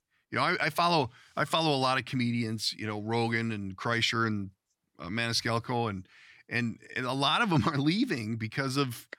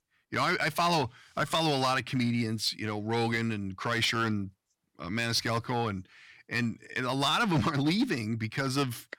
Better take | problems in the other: first | distortion; slight; 5% of the sound clipped

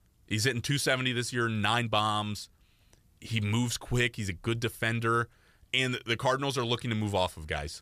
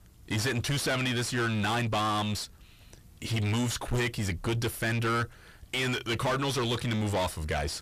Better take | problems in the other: first | distortion; heavy; 4 dB below the speech

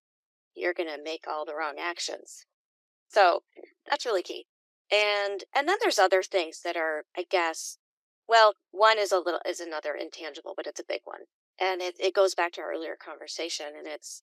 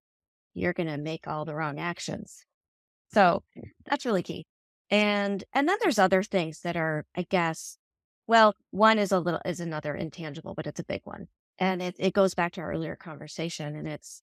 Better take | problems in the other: second | thin; very; fading below 350 Hz

